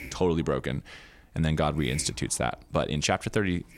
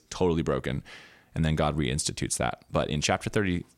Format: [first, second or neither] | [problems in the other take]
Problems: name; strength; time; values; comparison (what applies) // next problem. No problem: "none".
second | hiss; noticeable; throughout; 20 dB below the speech